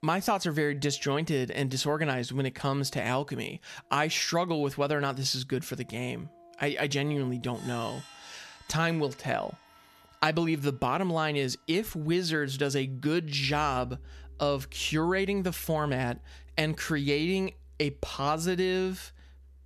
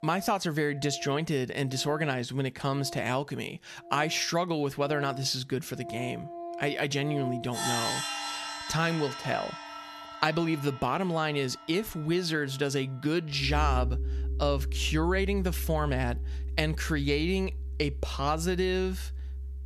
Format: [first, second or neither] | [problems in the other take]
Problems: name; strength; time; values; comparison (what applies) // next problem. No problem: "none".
first | background music; loud; throughout; 6 dB below the speech; faint in the first